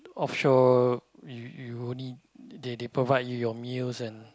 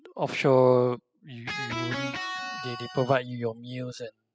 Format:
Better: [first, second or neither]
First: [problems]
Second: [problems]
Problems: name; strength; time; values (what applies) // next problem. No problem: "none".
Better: first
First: none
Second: noise reduction (classical method spectral subtraction)